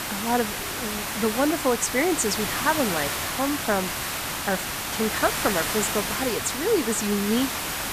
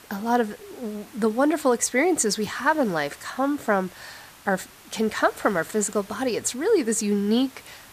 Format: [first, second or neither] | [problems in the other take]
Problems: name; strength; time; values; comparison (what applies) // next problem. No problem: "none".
second | hiss; loud; throughout; 1 dB below the speech; faint in the second